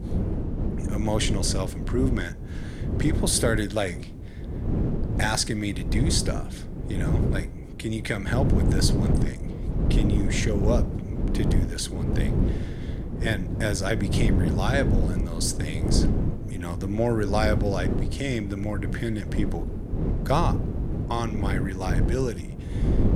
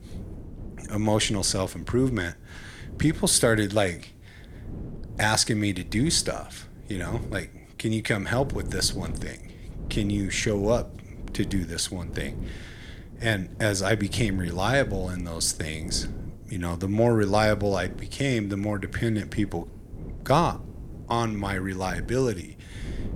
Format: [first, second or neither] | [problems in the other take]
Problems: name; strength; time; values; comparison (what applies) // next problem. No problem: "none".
second | wind noise on the microphone; heavy; 6 dB below the speech; occasional gusts in the second